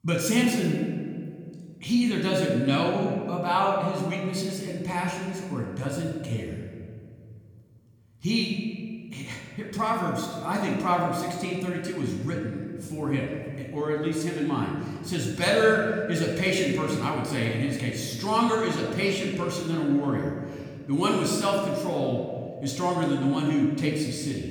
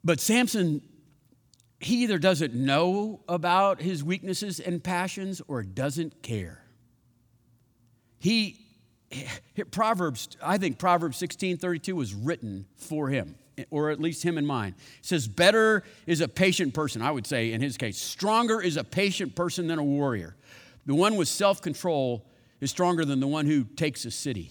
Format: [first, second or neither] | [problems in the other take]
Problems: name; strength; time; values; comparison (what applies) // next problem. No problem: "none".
second | off-mic speech; somewhat distant // room echo; noticeable; dies away in 1.8 s